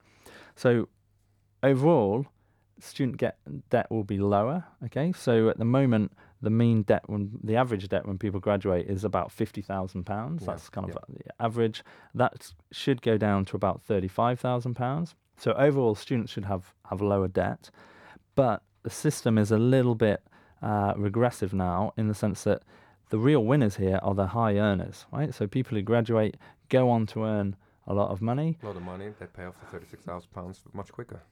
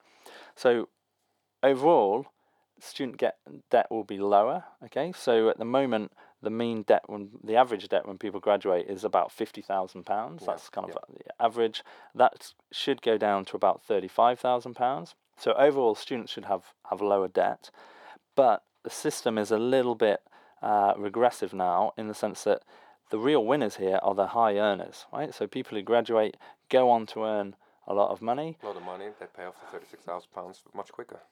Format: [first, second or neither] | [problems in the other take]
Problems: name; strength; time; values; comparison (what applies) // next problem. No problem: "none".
first | thin; somewhat; fading below 400 Hz